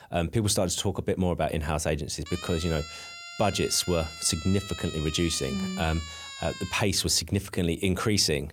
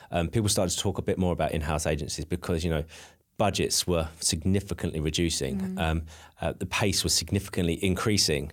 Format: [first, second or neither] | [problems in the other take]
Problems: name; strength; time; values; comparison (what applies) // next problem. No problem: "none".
second | siren; faint; from 2.5 to 7 s; peak 10 dB below the speech